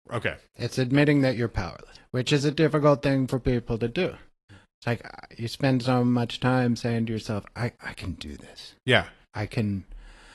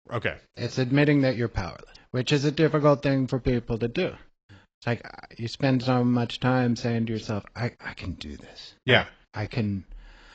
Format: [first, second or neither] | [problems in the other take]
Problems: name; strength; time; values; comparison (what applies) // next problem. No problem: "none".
first | garbled, watery; badly; nothing above 7.5 kHz; slightly in the first